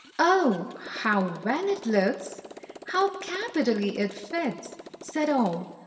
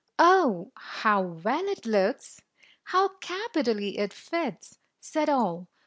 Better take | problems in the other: second | background sound (Motorcycle); 17 dB below the speech // room echo; dies away in 2.2 s

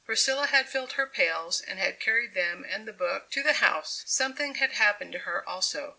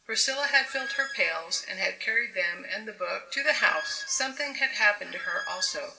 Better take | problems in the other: first | background sound (Squeak); 10 dB below the speech // room echo; dies away in 2.3 s

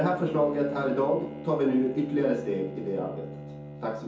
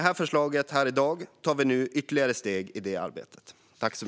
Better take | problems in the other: second | background sound (Bowed string instrument); 11 dB below the speech // room echo; dies away in 0.6 s

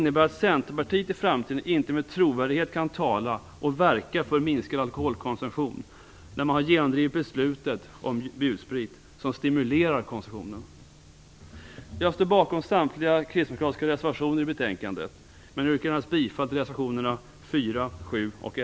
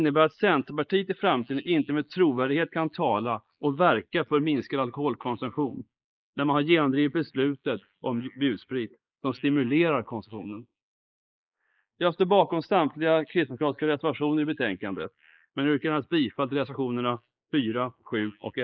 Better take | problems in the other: first | noise reduction (neural mask model Resemble Enhance denoiser)

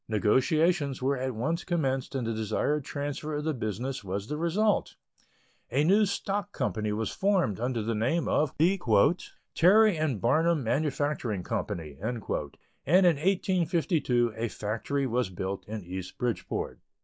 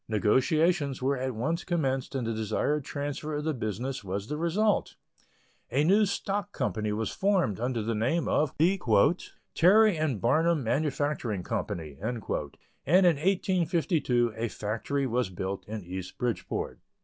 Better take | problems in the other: second | noise reduction (neural mask model Resemble Enhance denoiser)

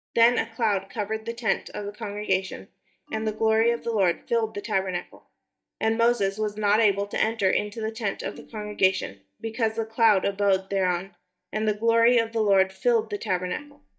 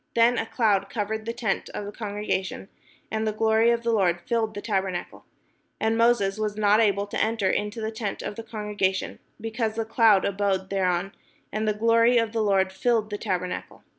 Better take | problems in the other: second | noise reduction (neural mask model DeepFilterNet 3)

